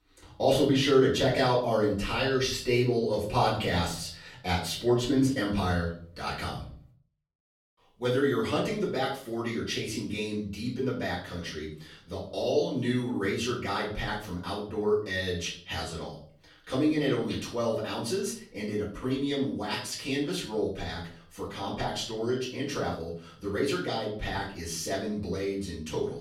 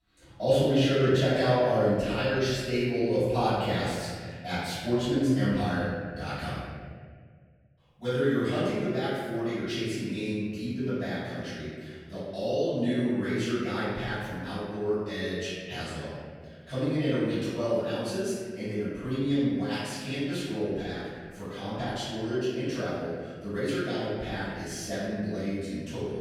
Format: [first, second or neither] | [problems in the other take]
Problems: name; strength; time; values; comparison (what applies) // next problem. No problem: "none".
first | room echo; strong; dies away in 1.8 s; slight in the first // off-mic speech; far; far in the first